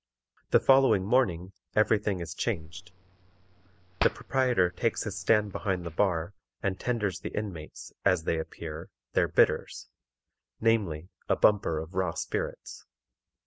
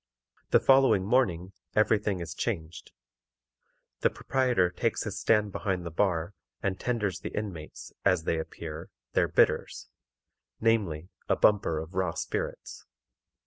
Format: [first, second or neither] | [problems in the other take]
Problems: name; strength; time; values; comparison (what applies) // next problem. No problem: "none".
second | background sound (Hands); 13 dB below the speech